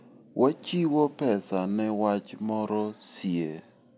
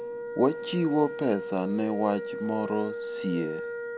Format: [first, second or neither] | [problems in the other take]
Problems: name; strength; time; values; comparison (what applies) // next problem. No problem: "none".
first | background sound (Wind instrument, woodwind instrument); 7 dB below the speech